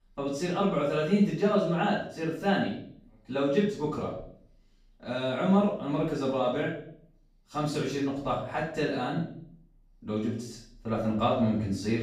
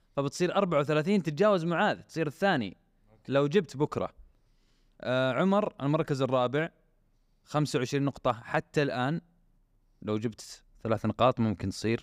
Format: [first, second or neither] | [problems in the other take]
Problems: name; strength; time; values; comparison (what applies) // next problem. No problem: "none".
second | off-mic speech; far // room echo; noticeable; dies away in 0.5 s